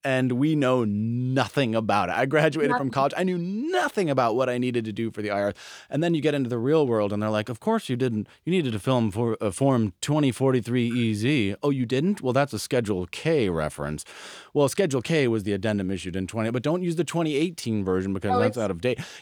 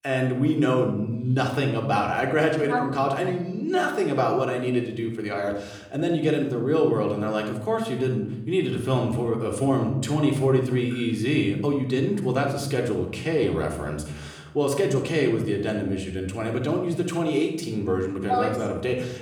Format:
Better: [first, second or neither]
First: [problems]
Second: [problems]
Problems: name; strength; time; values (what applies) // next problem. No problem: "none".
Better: first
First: none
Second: room echo; slight; dies away in 0.8 s // off-mic speech; somewhat distant